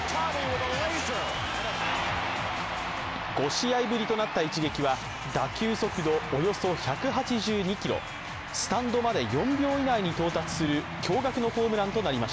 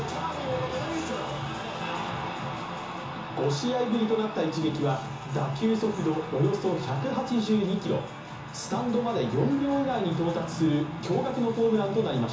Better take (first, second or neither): first